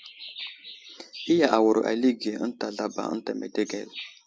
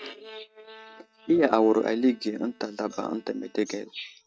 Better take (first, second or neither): first